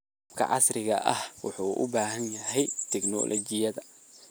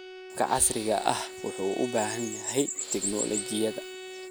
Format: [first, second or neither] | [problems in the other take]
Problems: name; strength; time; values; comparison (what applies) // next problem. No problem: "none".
first | background sound (Bowed string instrument + Hiss / Breathing); 11 dB below the speech